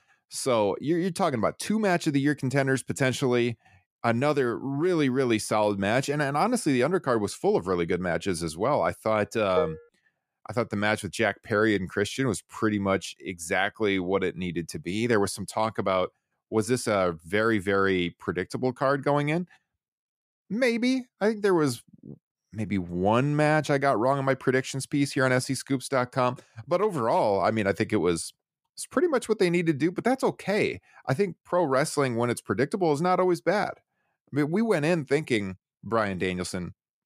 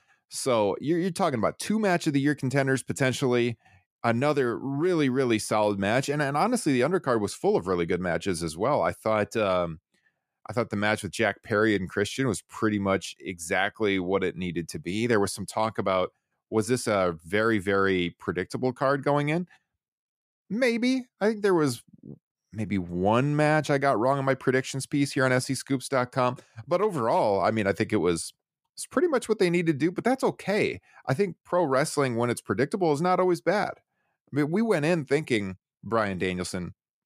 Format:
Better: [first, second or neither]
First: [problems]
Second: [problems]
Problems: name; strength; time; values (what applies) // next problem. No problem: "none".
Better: second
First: clattering dishes; noticeable; at 9.5 s; peak 5 dB below the speech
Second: none